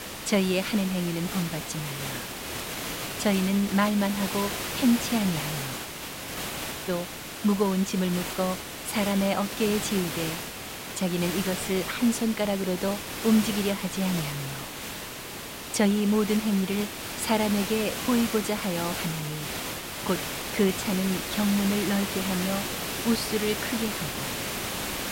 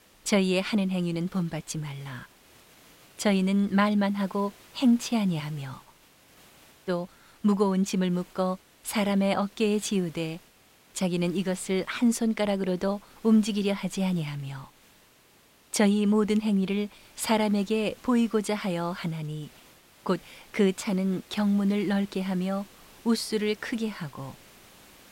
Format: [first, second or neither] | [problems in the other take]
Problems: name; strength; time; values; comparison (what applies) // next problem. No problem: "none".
second | hiss; loud; throughout; 5 dB below the speech; faint in the second